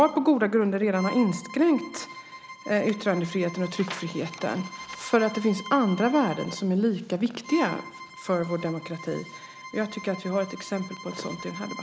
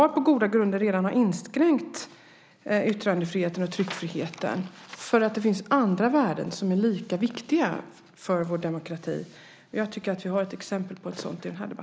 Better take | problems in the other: second | background sound (Bowed string instrument); 16 dB below the speech

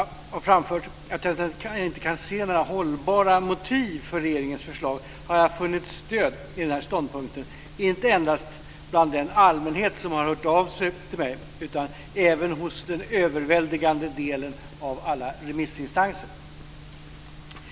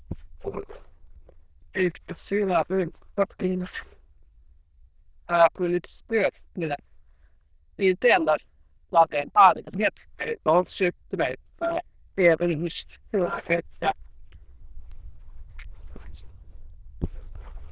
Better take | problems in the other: first | noise reduction (neural diffusion model UNIVERSE++)

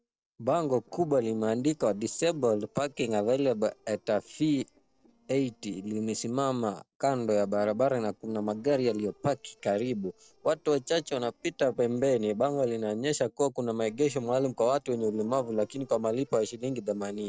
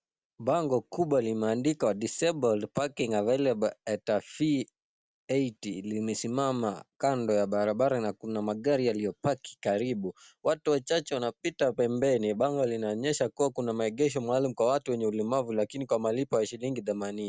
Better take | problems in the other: second | noise reduction (neural separator model SepFormer DNS4)

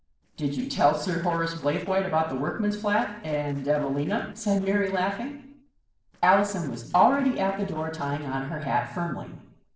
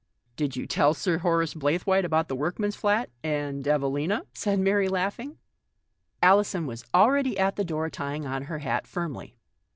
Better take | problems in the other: second | noise reduction (neural separator model SepFormer DNS4)

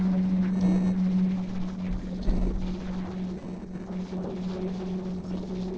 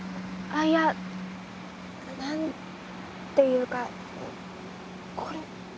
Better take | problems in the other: second | noise reduction (neural separator model SepFormer DNS4)

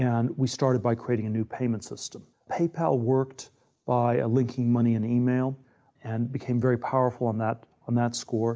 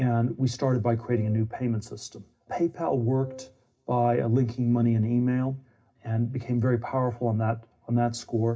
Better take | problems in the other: first | background sound (Wind instrument, woodwind instrument); 19 dB below the speech // room echo; dies away in 0.4 s

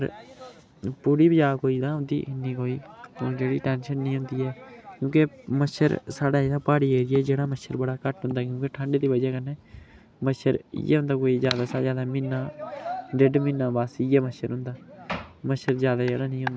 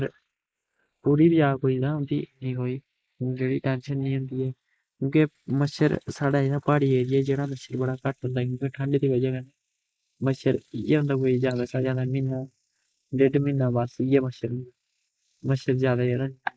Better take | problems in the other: first | noise reduction (neural mask model Resemble Enhance denoiser)

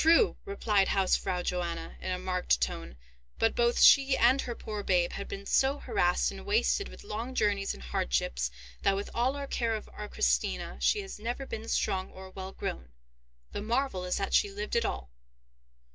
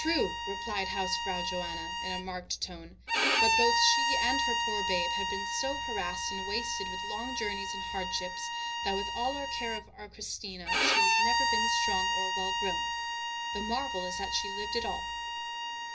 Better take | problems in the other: first | background sound (Bowed string instrument); 4 dB above the speech // room echo; dies away in 0.5 s

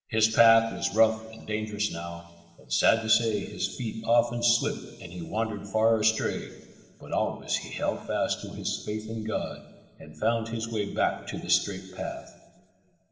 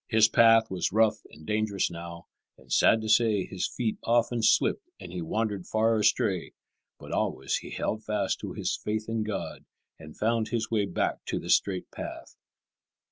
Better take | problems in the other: second | room echo; dies away in 2.5 s

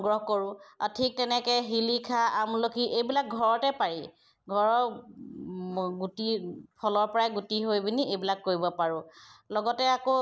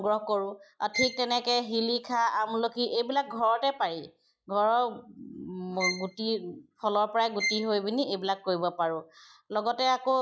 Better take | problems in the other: first | noise reduction (classical method log-MMSE)

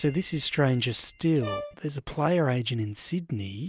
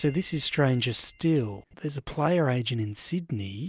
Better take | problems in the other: second | background sound (Brass instrument); 12 dB below the speech

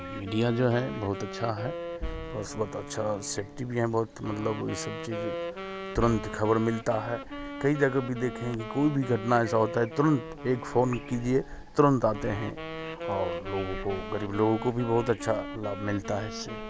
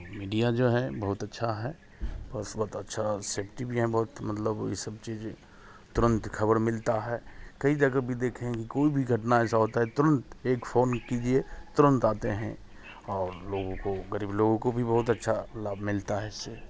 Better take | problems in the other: second | background sound (Wind instrument, woodwind instrument); 10 dB below the speech

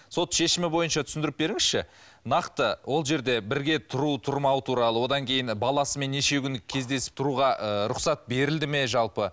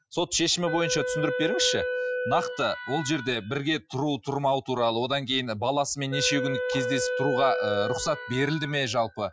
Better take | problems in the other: first | noise reduction (classical method Wiener filter)

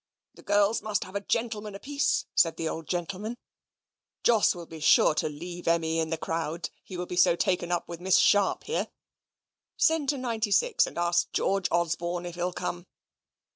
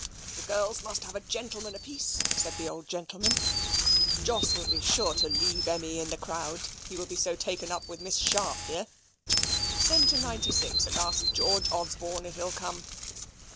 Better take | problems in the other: first | background sound (Chirp, tweet); 3 dB above the speech

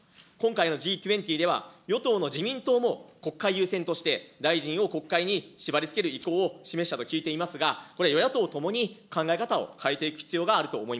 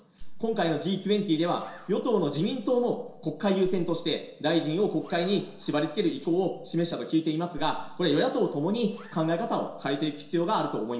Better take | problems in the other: first | noise reduction (neural separator model SepFormer DNS4)

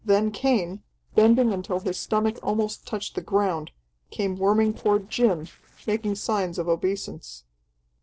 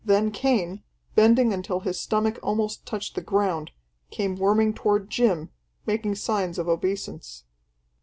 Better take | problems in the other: second | noise reduction (neural separator model SepFormer DNS4)

